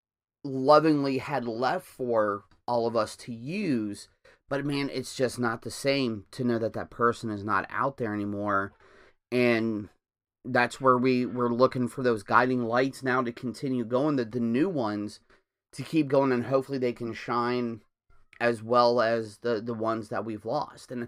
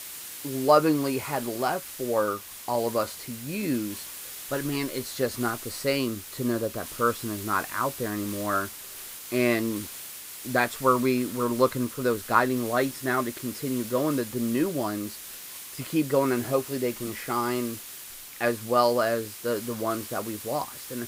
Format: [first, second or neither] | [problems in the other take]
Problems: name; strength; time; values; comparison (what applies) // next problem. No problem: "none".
first | hiss; noticeable; throughout; 10 dB below the speech